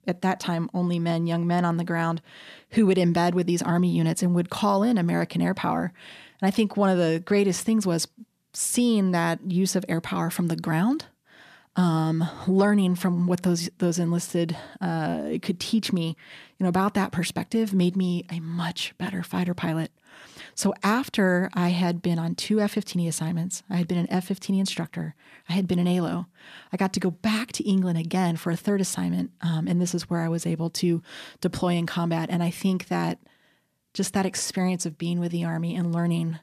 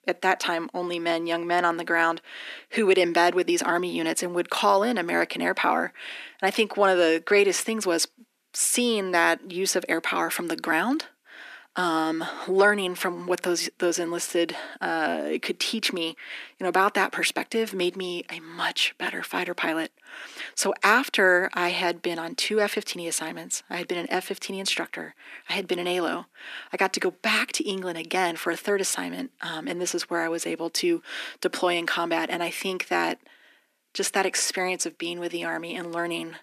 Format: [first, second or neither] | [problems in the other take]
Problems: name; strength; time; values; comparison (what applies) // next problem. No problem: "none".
first | thin; very; fading below 300 Hz